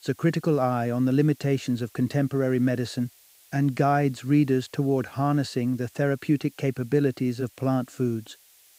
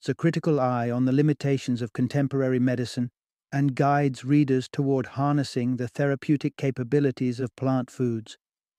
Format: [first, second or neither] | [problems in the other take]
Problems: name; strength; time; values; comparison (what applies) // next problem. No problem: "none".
second | hiss; faint; throughout; 30 dB below the speech